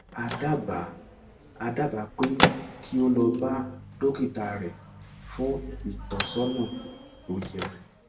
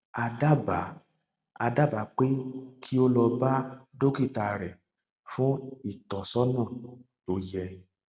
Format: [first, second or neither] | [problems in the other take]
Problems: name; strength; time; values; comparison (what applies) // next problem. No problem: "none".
second | background sound (Microwave oven / Bell); 5 dB below the speech // room echo; dies away in 0.2 s